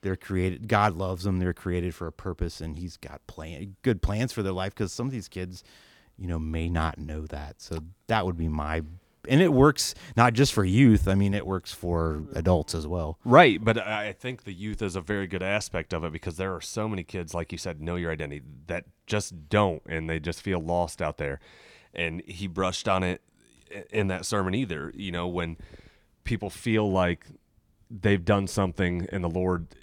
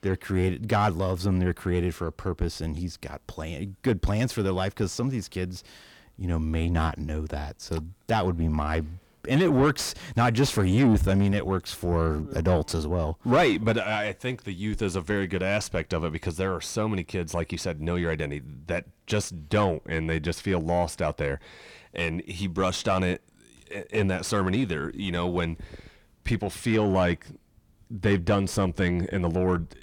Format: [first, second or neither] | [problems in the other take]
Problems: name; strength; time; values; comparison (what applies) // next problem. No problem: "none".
first | distortion; heavy; 8 dB below the speech